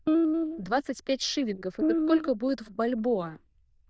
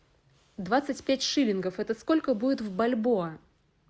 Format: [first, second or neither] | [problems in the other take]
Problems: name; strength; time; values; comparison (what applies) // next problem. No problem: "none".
second | noise reduction (neural diffusion model UNIVERSE++)